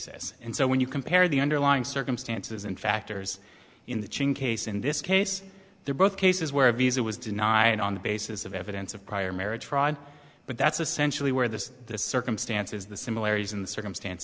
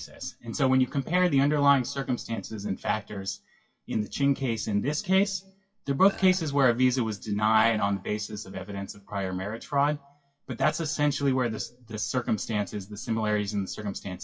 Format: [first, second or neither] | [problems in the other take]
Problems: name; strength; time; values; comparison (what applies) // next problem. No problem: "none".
first | noise reduction (classical method WPE with log-MMSE)